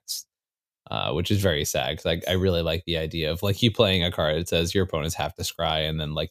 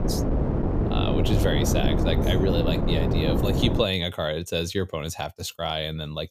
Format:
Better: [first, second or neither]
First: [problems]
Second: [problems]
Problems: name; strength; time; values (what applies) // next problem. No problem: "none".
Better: first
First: none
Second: wind noise on the microphone; heavy; until 4 s; 2 dB below the speech